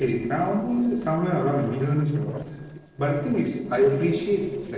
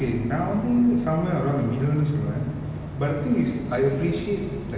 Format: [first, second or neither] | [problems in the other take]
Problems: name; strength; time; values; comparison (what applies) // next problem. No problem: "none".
second | noise reduction (neural separator model SepFormer DNS4)